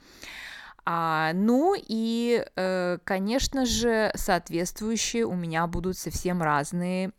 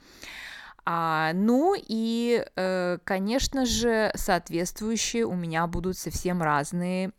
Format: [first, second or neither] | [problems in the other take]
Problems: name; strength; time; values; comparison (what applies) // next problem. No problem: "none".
neither | none